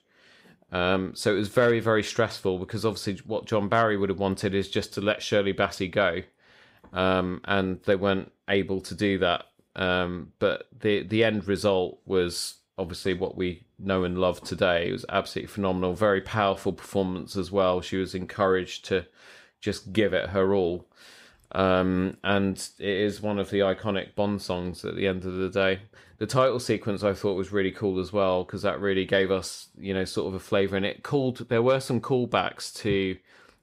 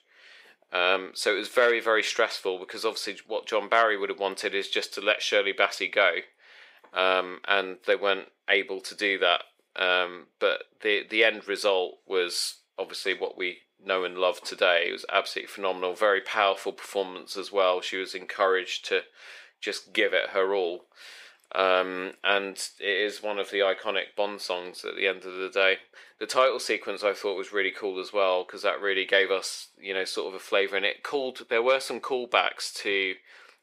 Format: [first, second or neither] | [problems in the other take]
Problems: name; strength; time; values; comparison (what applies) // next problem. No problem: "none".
first | thin; very; fading below 400 Hz